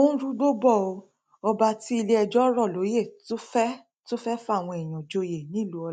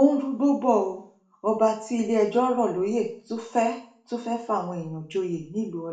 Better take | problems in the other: first | room echo; dies away in 0.4 s

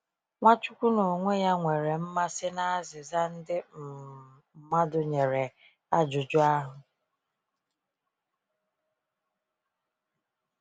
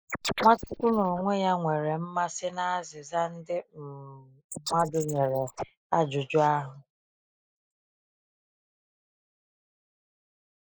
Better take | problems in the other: first | noise reduction (neural mask model Resemble Enhance denoiser)

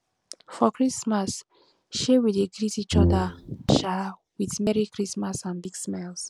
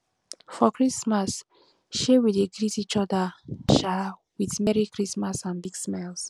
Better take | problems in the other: second | background sound (Brass instrument); 3 dB above the speech

